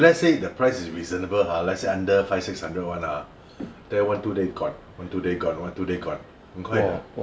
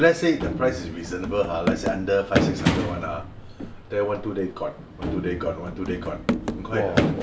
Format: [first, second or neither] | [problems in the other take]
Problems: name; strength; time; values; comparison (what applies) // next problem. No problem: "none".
first | background sound (Run); 2 dB below the speech